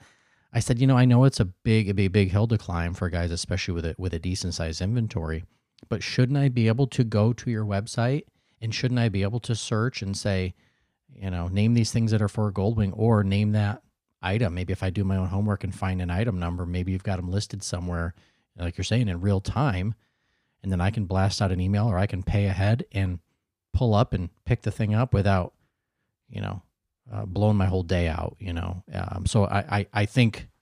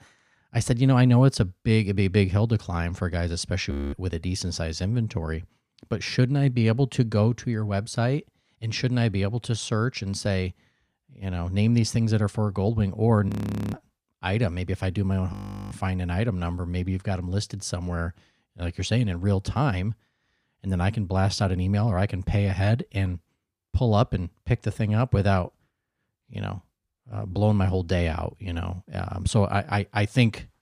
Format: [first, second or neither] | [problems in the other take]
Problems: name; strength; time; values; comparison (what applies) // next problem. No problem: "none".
first | audio freezing; at 3.5 s, at 13 s and at 15 s